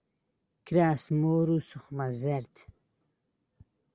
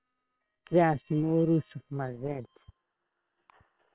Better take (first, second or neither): first